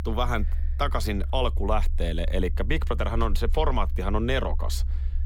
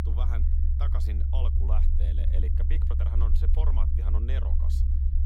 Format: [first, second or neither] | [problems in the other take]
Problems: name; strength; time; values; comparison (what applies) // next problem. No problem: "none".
first | low rumble; loud; throughout; 1 dB below the speech; faint in the first